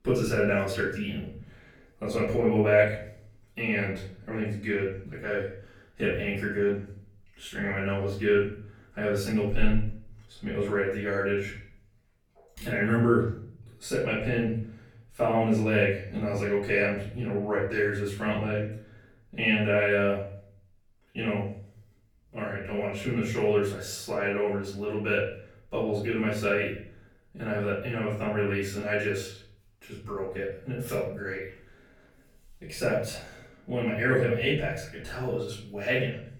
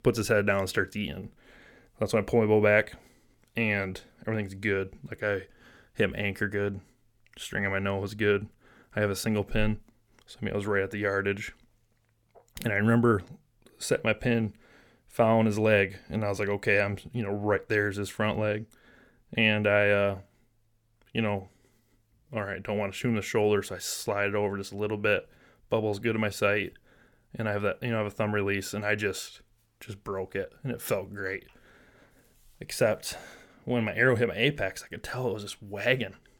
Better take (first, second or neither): second